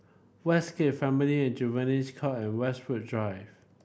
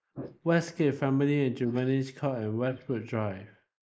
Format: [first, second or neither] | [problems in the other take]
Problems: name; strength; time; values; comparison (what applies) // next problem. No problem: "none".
first | noise reduction (neural mask model Resemble Enhance denoiser)